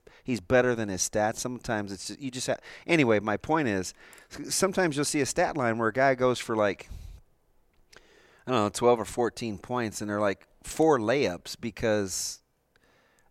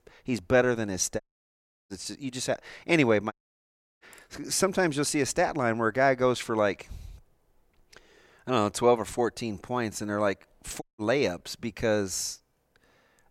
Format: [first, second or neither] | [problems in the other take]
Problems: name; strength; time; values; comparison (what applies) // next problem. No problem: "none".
first | audio cutting out; at 1 s for 0.5 s, at 3.5 s for 0.5 s and at 11 s